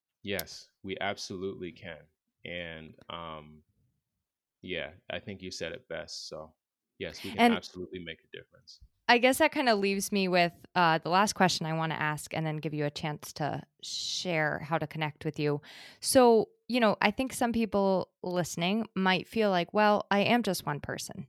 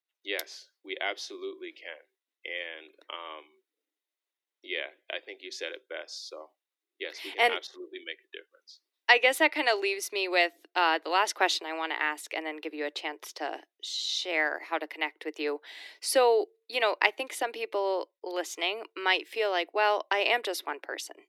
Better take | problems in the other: first | thin; very; fading below 300 Hz

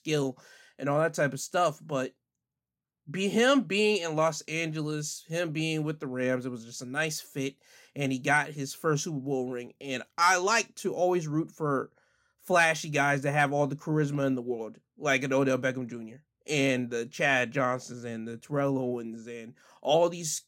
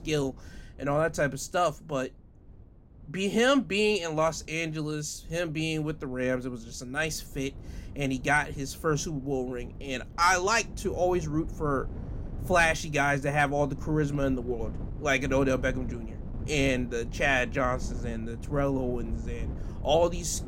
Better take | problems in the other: first | wind noise on the microphone; occasional gusts; 20 dB below the speech

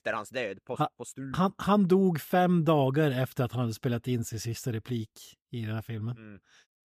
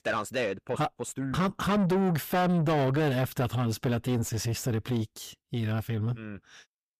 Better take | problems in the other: first | distortion; heavy; 6 dB below the speech

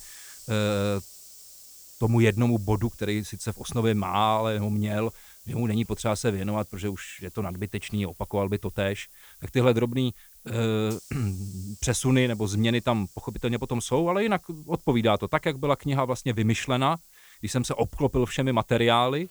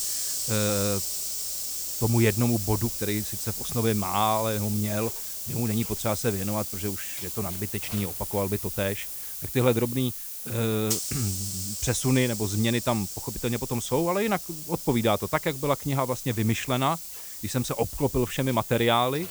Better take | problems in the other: first | hiss; loud; throughout; 4 dB below the speech; faint in the first

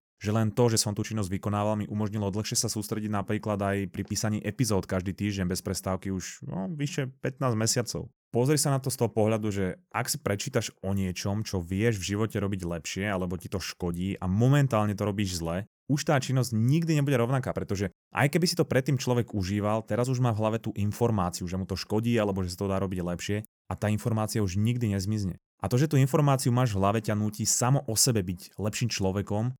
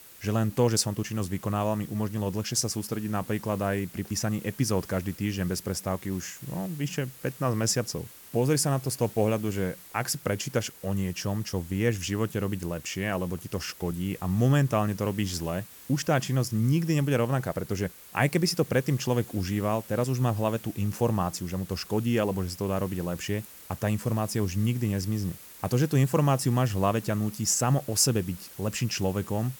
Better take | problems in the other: first | hiss; noticeable; throughout; 15 dB below the speech

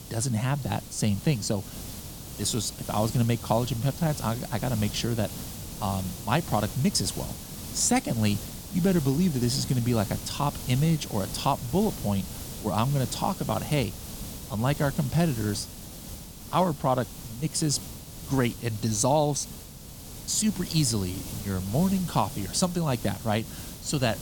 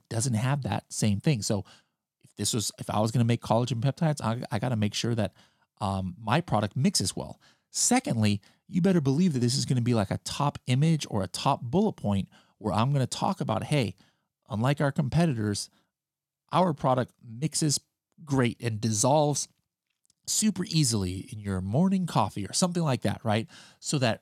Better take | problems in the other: second | hiss; noticeable; throughout; 10 dB below the speech

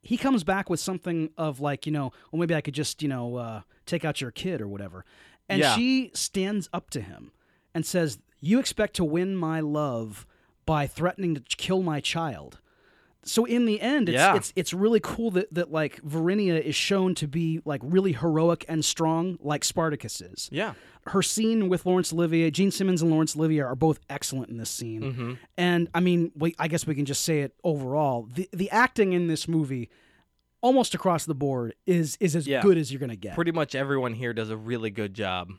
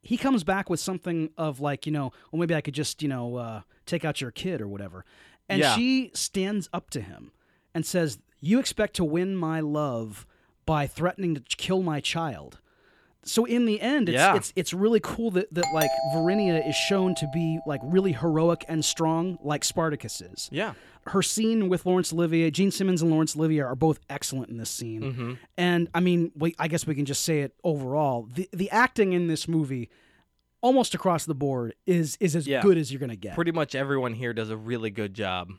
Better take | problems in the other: first | doorbell; loud; from 16 to 18 s; peak level with the speech

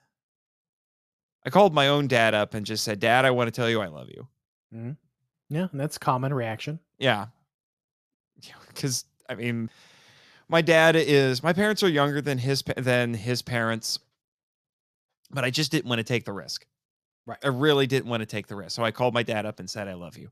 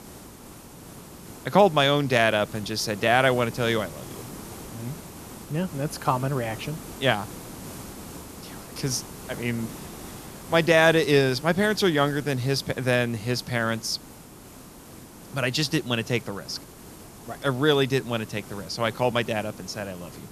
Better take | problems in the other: first | hiss; noticeable; throughout; 15 dB below the speech

